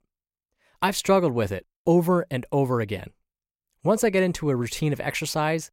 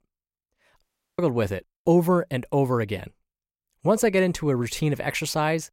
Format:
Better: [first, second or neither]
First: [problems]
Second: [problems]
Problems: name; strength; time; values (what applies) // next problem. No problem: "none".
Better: first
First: none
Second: audio cutting out; at 1 s